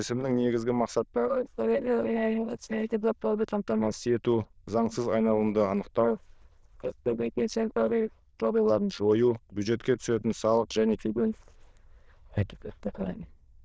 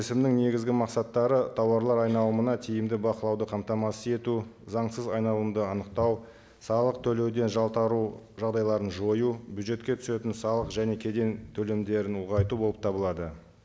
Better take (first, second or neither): second